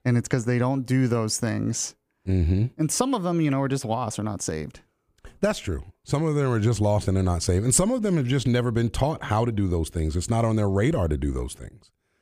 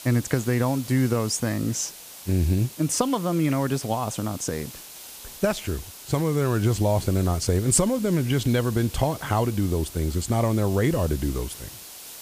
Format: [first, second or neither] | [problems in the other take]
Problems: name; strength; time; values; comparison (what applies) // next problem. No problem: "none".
first | hiss; noticeable; throughout; 15 dB below the speech